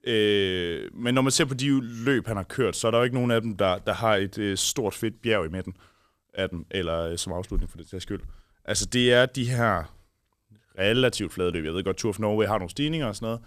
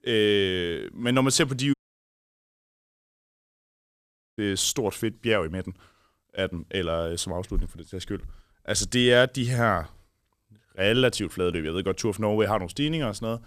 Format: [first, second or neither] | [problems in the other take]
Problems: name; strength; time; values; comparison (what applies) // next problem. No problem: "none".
first | audio cutting out; at 1.5 s for 2.5 s